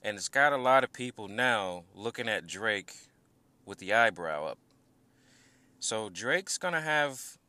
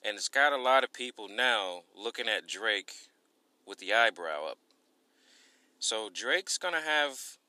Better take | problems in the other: first | thin; very slightly; fading below 300 Hz

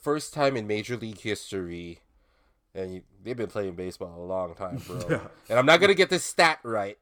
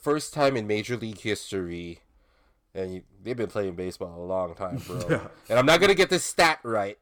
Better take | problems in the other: first | distortion; slight; 1.7% of the sound clipped

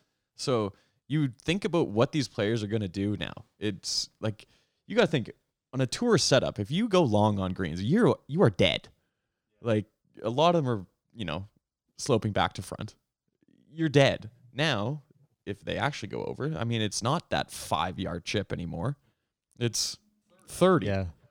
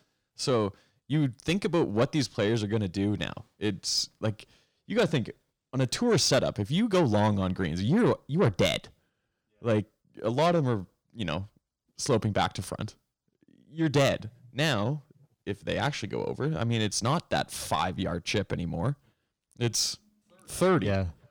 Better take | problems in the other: first | distortion; slight; 10 dB below the speech

